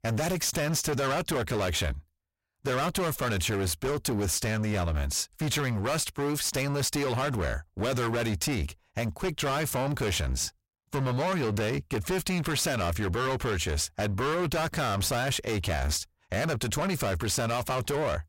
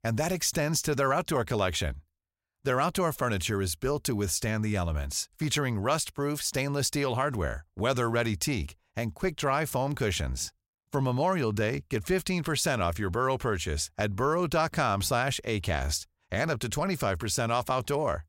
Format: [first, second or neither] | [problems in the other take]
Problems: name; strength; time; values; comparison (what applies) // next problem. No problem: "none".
second | distortion; heavy; 29% of the sound clipped